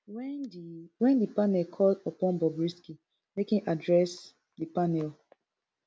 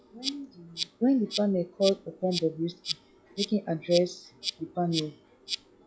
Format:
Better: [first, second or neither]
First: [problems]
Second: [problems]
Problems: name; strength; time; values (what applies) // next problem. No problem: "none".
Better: first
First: none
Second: noise reduction (classical method log-MMSE)